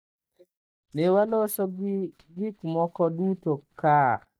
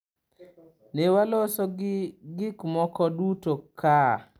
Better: second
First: noise reduction (neural mask model DeepFilterNet 3)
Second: none

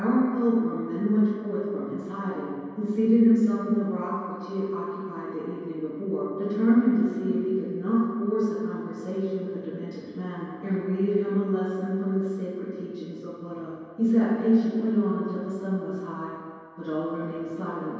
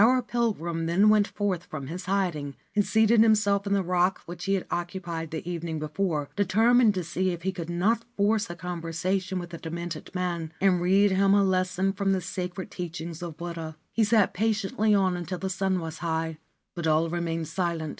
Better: second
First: room echo; dies away in 2.2 s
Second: none

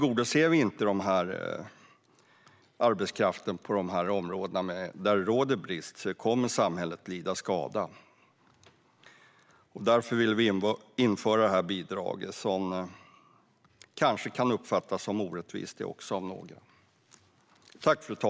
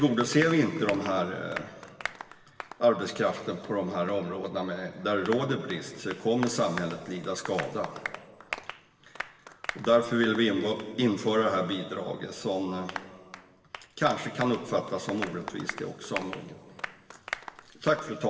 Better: first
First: none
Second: background sound (Applause); 13 dB below the speech // room echo; dies away in 1.8 s

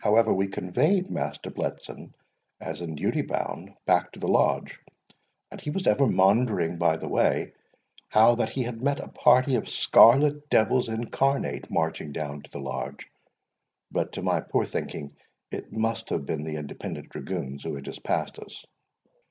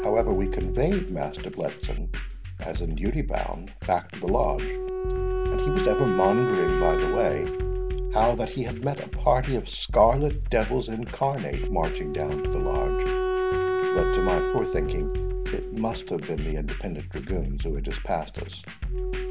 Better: first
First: none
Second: background sound (Wind instrument, woodwind instrument + Drum kit); 1 dB above the speech

